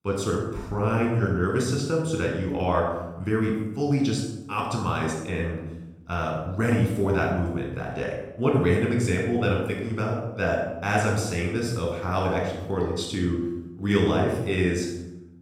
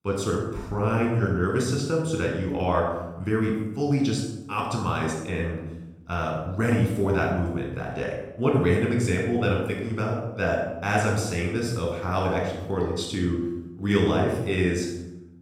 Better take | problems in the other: neither | room echo; noticeable; dies away in 0.8 s; the same in both // off-mic speech; somewhat distant; the same in both

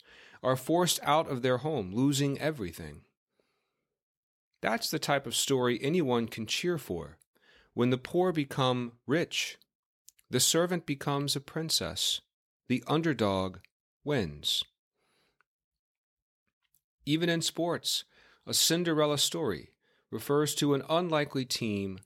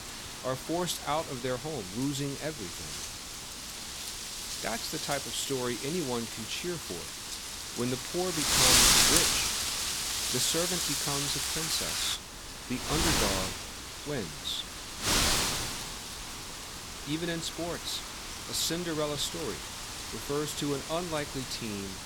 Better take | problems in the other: first | wind noise on the microphone; heavy; 4 dB above the speech

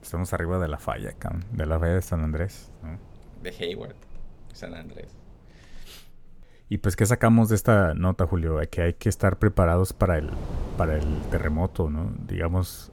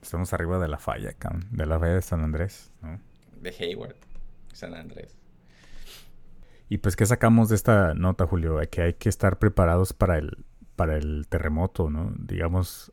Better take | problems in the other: second | wind noise on the microphone; occasional gusts; until 6 s and from 9 s on; 20 dB below the speech

